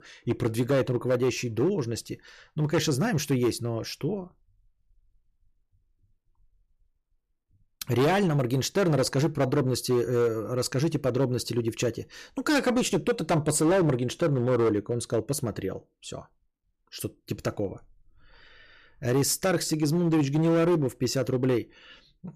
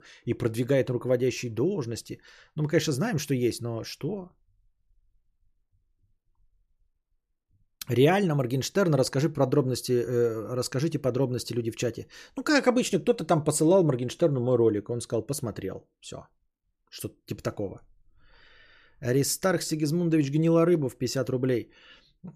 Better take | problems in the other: second | distortion; slight; 7% of the sound clipped

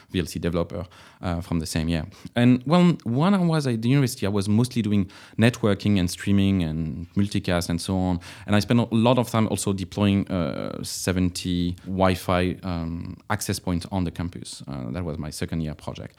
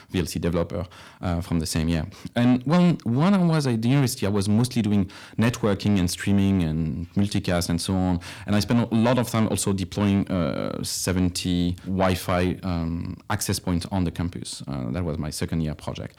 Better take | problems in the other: first | distortion; slight; 10 dB below the speech

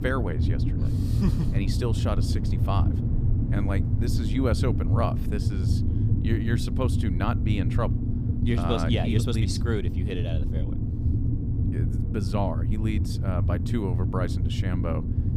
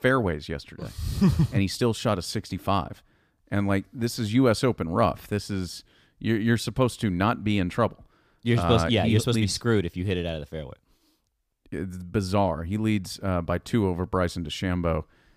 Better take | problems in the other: second | low rumble; loud; throughout; 5 dB below the speech

